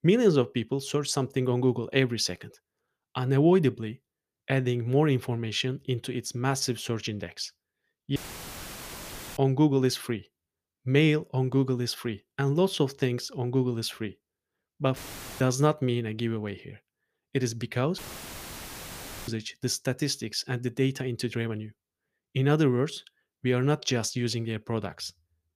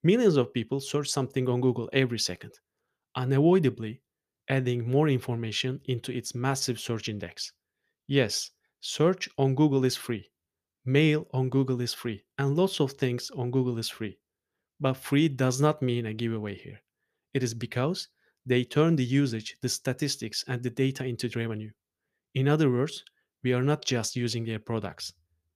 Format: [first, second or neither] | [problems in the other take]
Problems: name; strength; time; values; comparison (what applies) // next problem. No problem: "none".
second | audio cutting out; filled with static; at 8 s for 1 s, at 15 s and at 18 s for 1.5 s